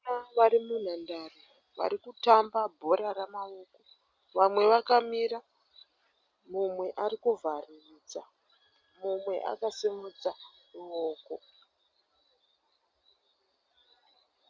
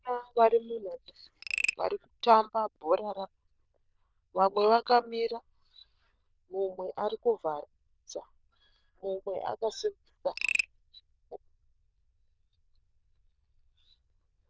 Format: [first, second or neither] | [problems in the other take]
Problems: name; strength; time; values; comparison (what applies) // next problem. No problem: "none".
first | noise reduction (neural diffusion model UNIVERSE++)